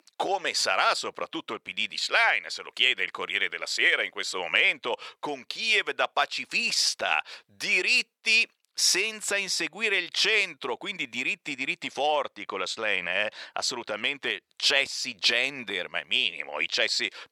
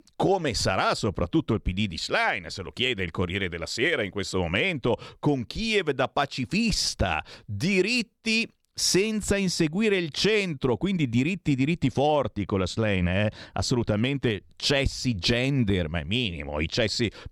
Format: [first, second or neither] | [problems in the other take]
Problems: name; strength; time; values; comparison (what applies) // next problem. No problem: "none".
second | thin; very; fading below 700 Hz